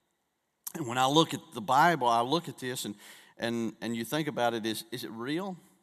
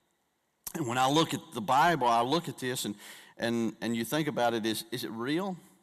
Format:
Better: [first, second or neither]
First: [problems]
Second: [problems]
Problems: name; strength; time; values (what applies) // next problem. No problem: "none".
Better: first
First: none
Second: distortion; slight; 10 dB below the speech